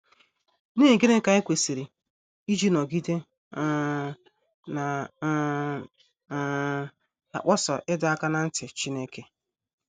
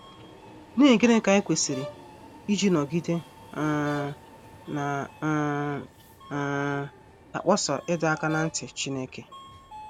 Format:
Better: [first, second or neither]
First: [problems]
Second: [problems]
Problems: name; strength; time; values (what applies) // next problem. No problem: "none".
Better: first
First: none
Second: background sound (Subway, metro, underground + Brass instrument); 18 dB below the speech